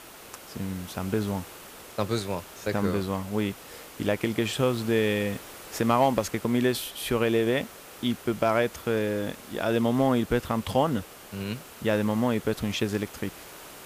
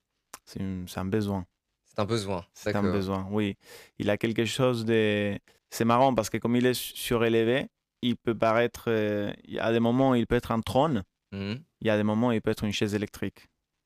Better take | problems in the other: second | hiss; noticeable; throughout; 15 dB below the speech

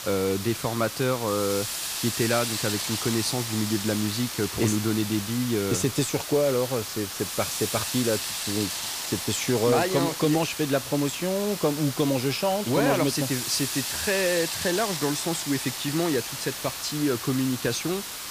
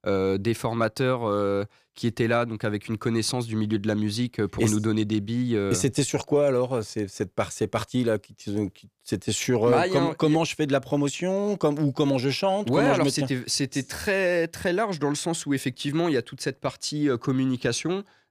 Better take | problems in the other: second | hiss; loud; throughout; 4 dB below the speech

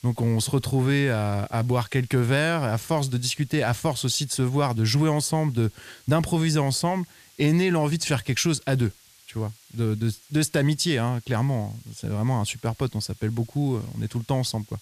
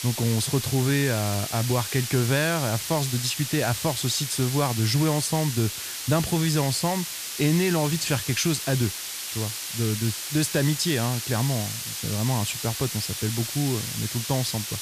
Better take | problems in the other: first | hiss; loud; throughout; 5 dB below the speech; faint in the first

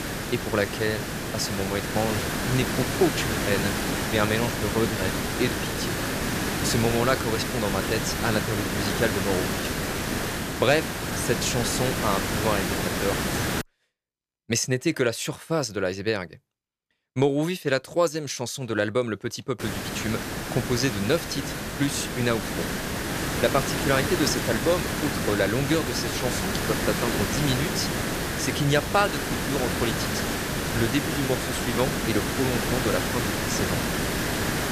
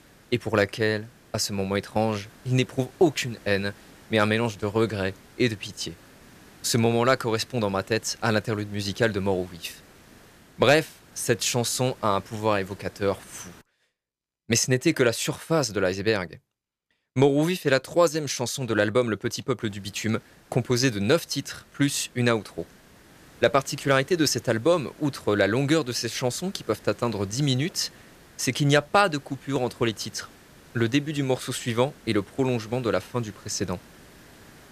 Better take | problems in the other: second | hiss; loud; until 14 s and from 20 s on; as loud as the speech; faint in the second

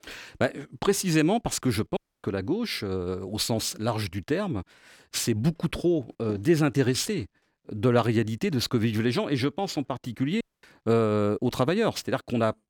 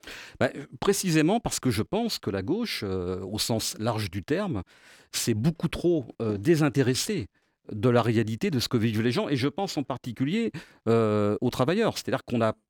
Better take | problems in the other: second | audio cutting out; at 2 s and at 10 s

